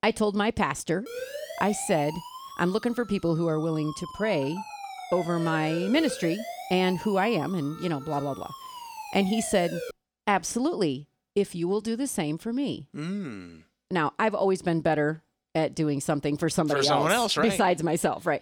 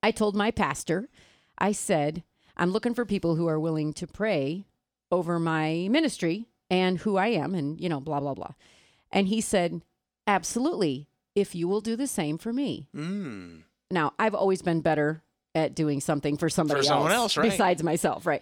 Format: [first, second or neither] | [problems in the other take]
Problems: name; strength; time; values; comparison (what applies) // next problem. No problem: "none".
second | siren; noticeable; from 1 to 10 s; peak 8 dB below the speech